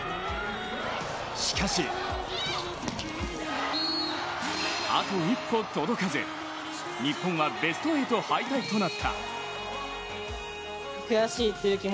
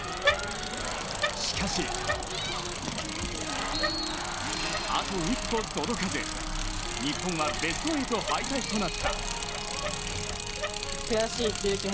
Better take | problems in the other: first | background sound (Bicycle); 1 dB below the speech

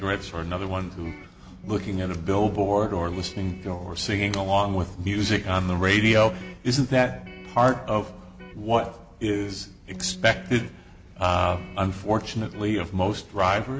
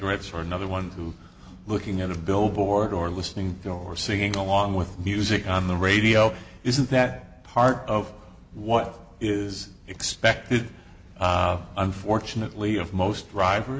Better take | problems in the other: second | background sound (Electric guitar); 19 dB below the speech

